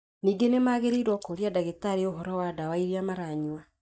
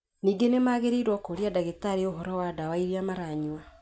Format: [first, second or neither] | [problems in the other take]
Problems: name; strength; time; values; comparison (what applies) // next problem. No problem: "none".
second | noise reduction (neural mask model DeepFilterNet 3)